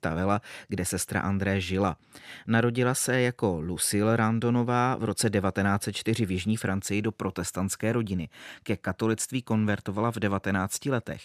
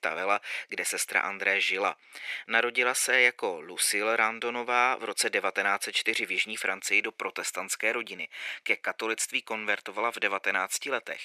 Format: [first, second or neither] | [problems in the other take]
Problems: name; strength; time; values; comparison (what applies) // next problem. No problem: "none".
first | thin; very; fading below 450 Hz